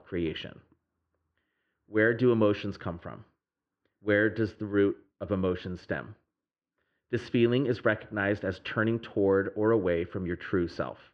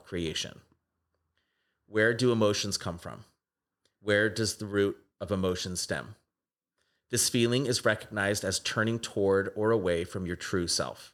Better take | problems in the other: second | muffled; very; fading above 2.5 kHz

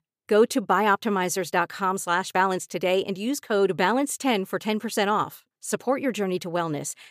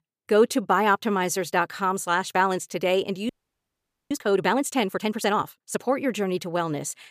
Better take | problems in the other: first | audio freezing; at 3.5 s for 1 s

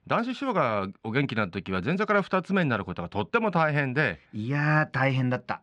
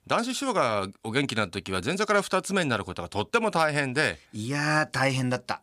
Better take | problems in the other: second | muffled; slightly; fading above 2.5 kHz

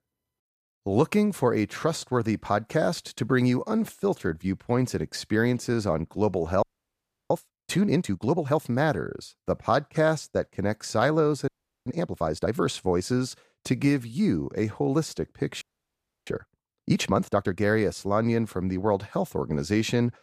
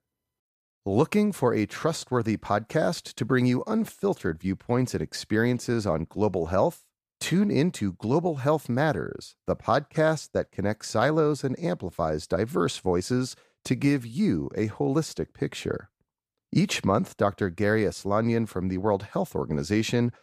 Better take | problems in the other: second | audio freezing; at 6.5 s for 0.5 s, at 11 s and at 16 s for 0.5 s

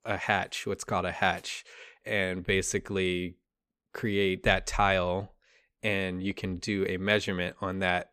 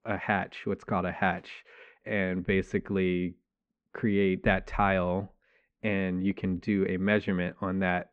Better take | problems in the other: first | muffled; very; fading above 2 kHz

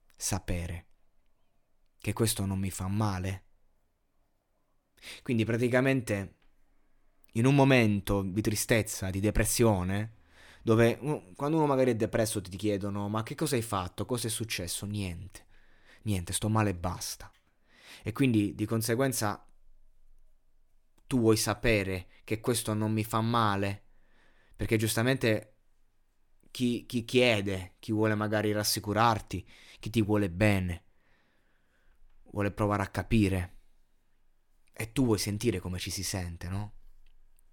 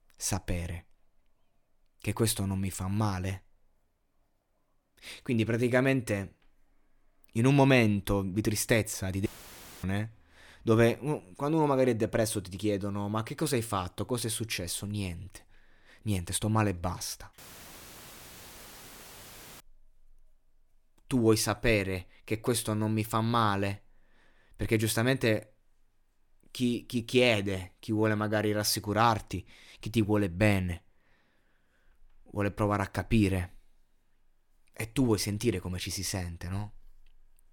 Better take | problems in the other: first | audio cutting out; filled with static; at 9.5 s for 0.5 s and at 17 s for 2 s

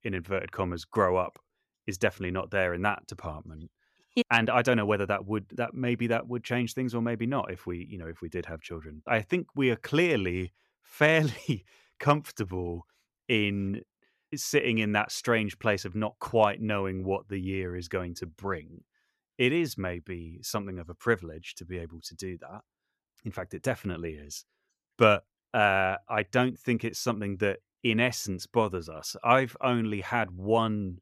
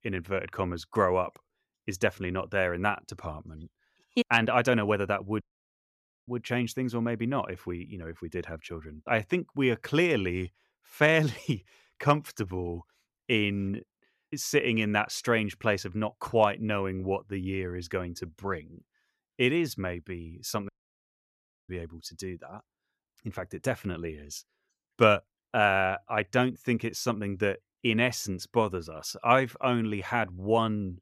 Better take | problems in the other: first | audio cutting out; at 5.5 s for 1 s and at 21 s for 1 s

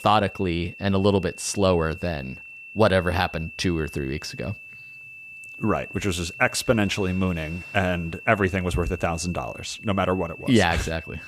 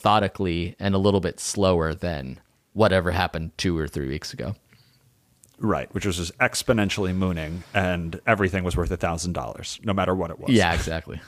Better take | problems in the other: second | high-pitched whine; noticeable; throughout; 2.5 kHz, 15 dB below the speech

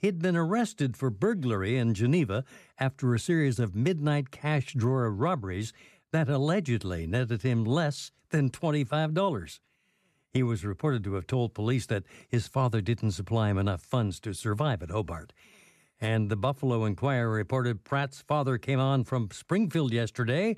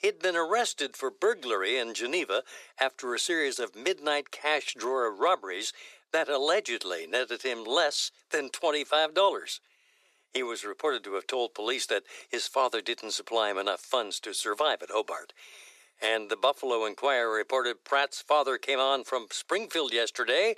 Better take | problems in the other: first | thin; very; fading below 400 Hz

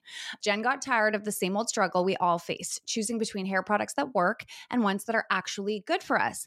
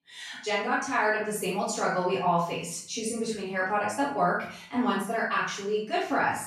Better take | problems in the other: first | off-mic speech; far // room echo; noticeable; dies away in 0.5 s

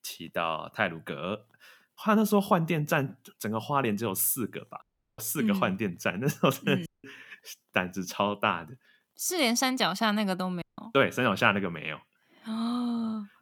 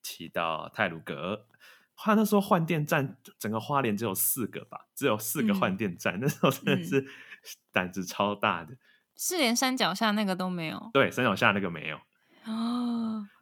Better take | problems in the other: second | audio cutting out; at 5 s, at 7 s and at 11 s

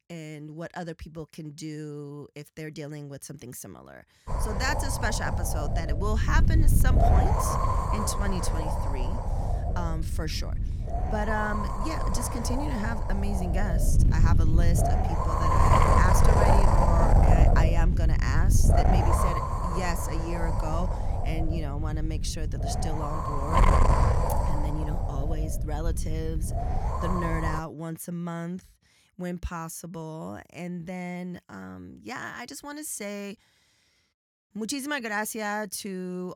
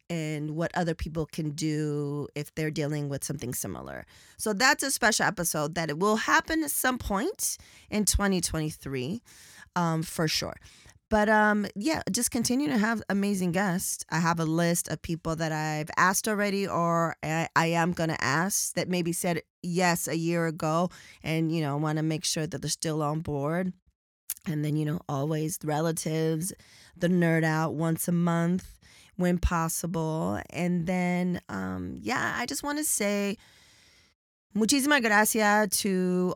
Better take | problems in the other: second | wind noise on the microphone; heavy; from 4.5 to 28 s; 5 dB above the speech

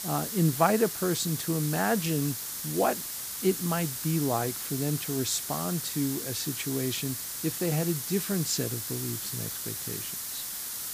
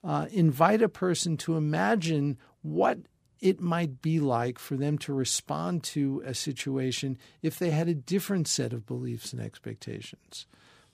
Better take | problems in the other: second | hiss; loud; throughout; 3 dB below the speech

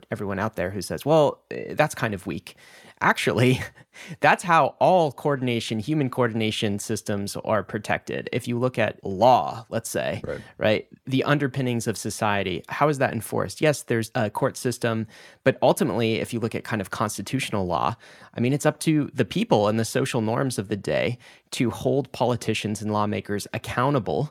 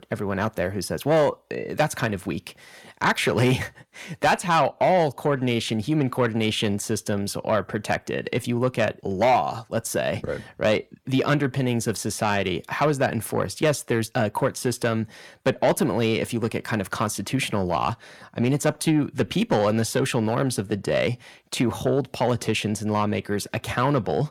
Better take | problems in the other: first | distortion; slight; 10 dB below the speech

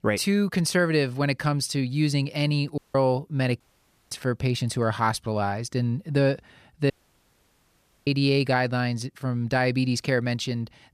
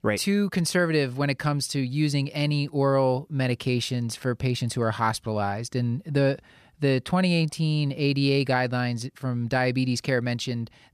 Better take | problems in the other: second | audio cutting out; at 3 s, at 3.5 s for 0.5 s and at 7 s for 1 s

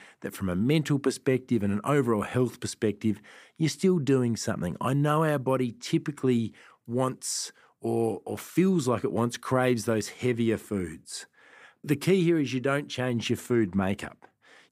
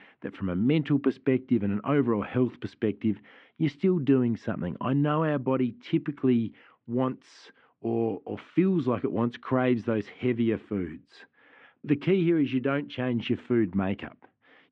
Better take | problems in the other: first | muffled; very; fading above 3 kHz

